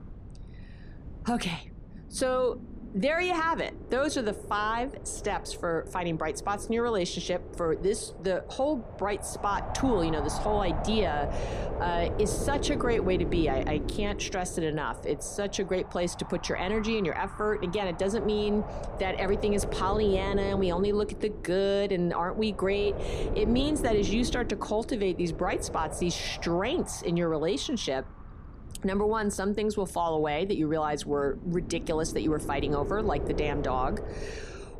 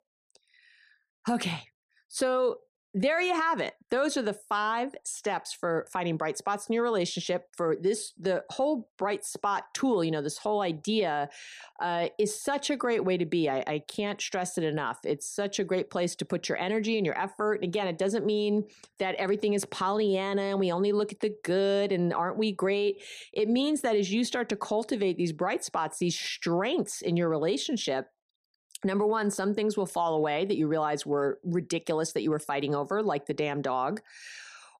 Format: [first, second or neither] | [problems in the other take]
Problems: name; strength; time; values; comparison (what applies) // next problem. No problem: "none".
second | wind noise on the microphone; heavy; 10 dB below the speech